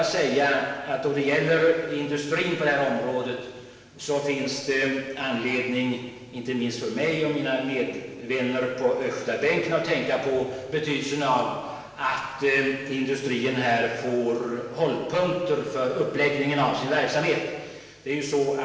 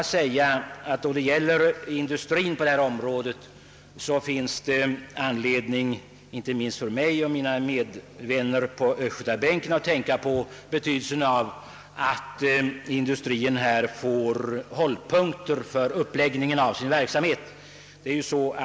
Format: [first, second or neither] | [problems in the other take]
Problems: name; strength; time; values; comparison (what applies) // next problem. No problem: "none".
second | room echo; dies away in 1.2 s